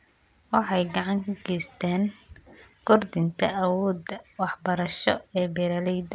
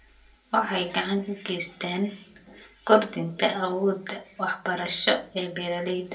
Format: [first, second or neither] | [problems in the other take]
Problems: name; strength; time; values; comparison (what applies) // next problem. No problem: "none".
first | room echo; dies away in 0.2 s